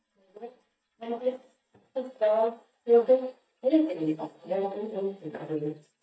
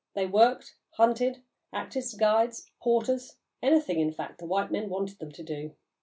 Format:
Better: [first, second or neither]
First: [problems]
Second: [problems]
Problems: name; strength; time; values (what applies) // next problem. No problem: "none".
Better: second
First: noise reduction (neural mask model DeepFilterNet 3)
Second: none